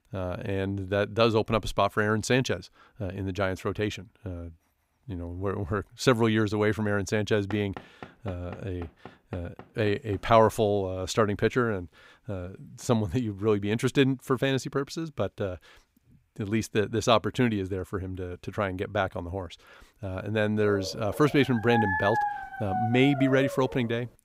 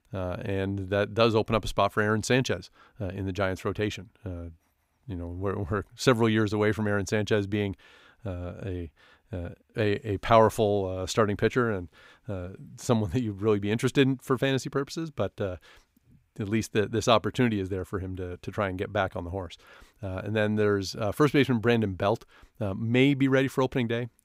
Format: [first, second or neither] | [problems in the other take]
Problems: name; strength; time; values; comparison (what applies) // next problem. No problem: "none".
second | door banging; faint; from 7.5 to 10 s; peak 15 dB below the speech // dog barking; loud; from 21 s on; peak level with the speech